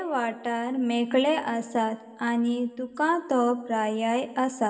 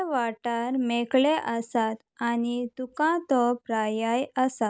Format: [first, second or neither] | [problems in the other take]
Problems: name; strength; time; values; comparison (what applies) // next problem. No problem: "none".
second | room echo; dies away in 0.9 s